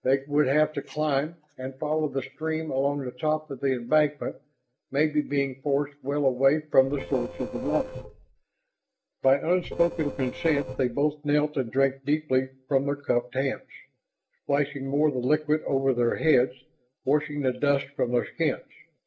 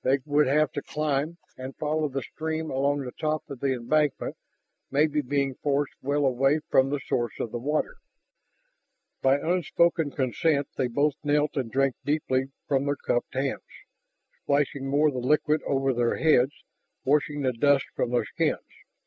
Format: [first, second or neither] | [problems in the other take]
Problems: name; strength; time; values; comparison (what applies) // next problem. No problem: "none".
second | noise reduction (neural separator model SepFormer DNS4)